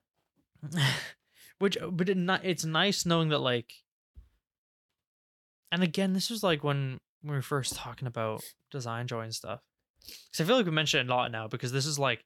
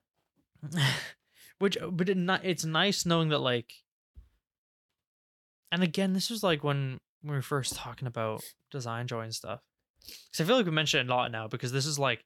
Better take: neither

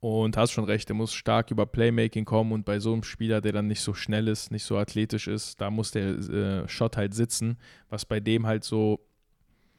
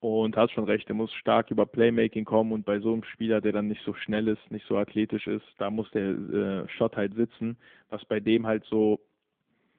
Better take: first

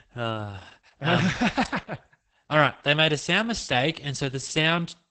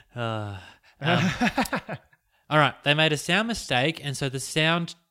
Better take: second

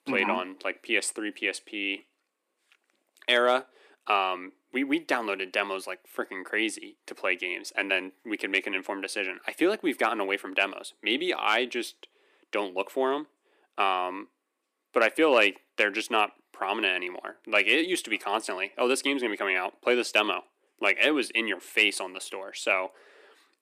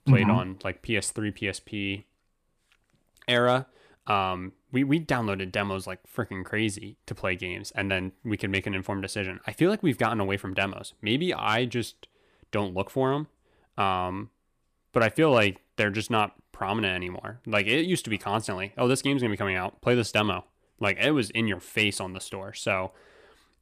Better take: second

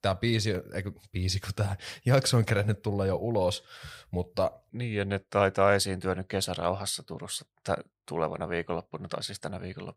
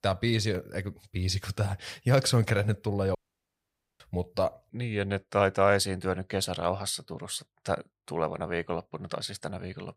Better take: first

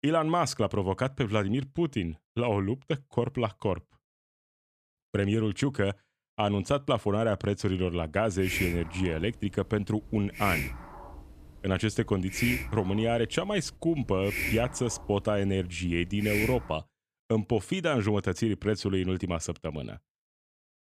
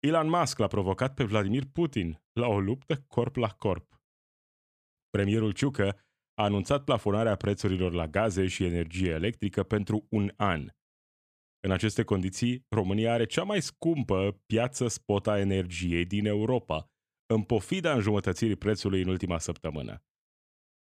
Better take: second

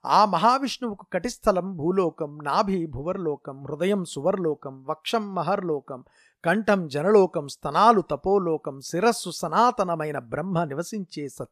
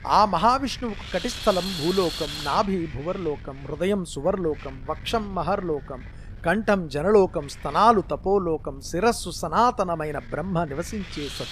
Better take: first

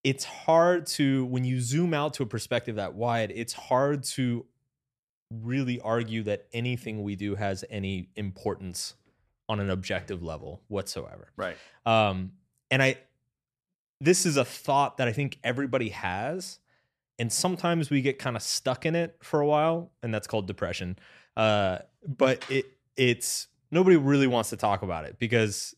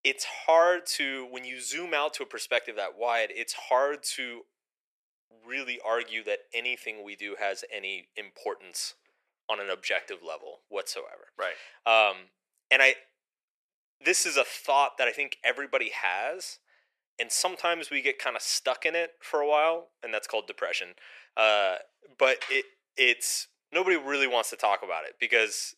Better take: first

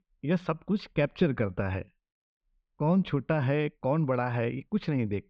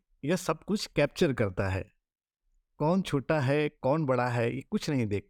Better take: second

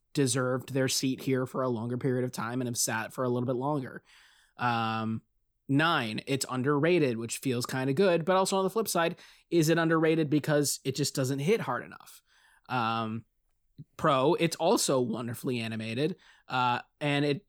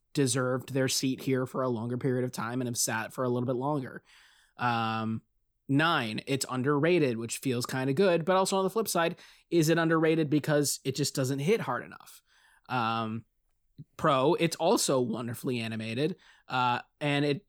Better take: neither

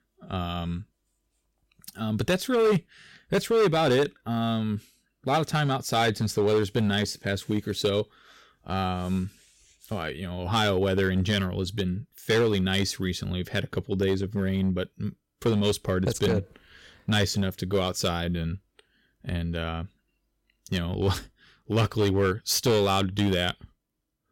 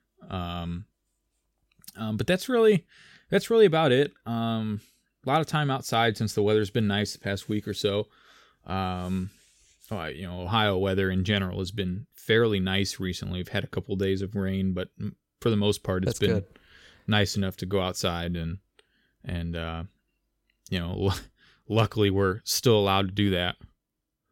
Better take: second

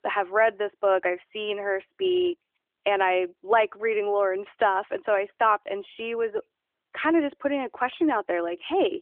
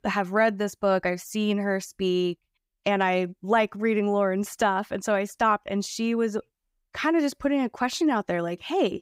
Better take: second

